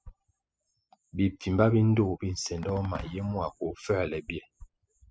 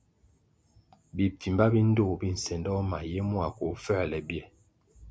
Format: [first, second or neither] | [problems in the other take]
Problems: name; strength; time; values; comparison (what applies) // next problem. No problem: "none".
second | noise reduction (classical method spectral subtraction)